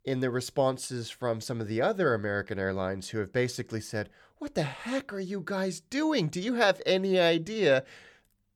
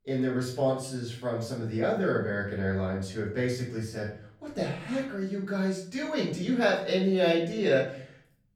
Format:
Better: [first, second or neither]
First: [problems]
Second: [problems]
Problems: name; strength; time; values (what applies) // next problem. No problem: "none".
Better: first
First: none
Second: off-mic speech; far // room echo; noticeable; dies away in 0.5 s